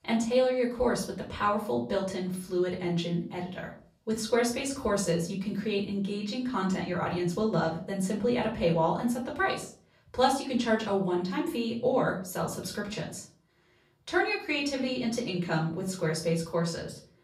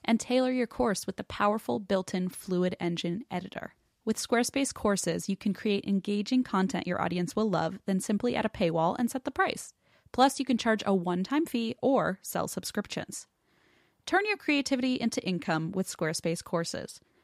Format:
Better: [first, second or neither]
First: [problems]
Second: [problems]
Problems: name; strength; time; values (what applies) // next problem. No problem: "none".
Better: second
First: off-mic speech; far // room echo; slight; dies away in 0.4 s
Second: none